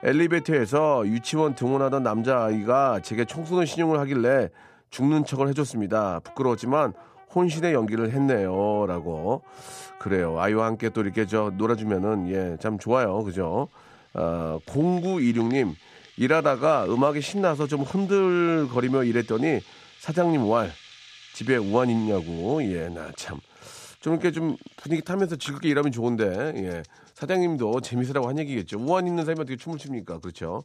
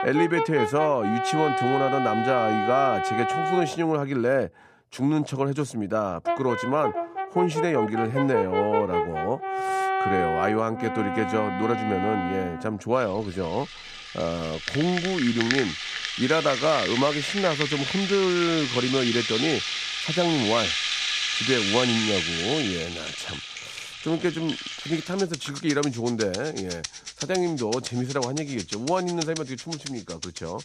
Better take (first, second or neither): first